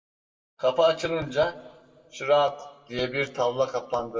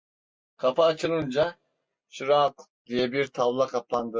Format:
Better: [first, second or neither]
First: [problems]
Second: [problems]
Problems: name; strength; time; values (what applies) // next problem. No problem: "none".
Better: second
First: room echo; dies away in 1.3 s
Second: none